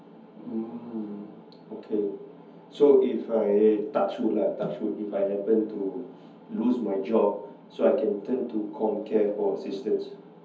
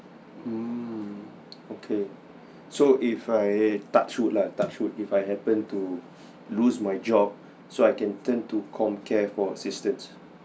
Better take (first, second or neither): second